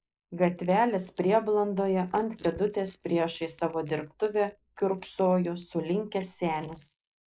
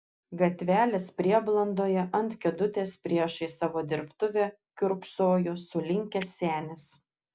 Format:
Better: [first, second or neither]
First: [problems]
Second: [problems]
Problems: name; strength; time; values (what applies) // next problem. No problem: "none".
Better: second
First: noise reduction (neural mask model Resemble Enhance denoiser)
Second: none